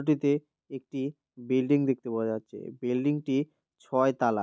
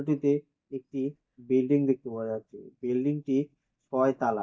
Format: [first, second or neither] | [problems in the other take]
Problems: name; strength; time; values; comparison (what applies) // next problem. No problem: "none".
first | noise reduction (neural mask model DeepFilterNet 3)